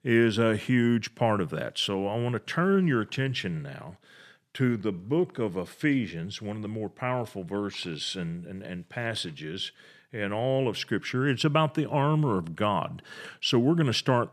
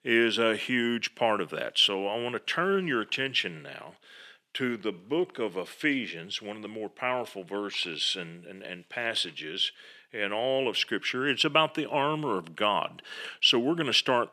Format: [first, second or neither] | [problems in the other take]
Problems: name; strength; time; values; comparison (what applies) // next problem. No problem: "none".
first | thin; somewhat; fading below 300 Hz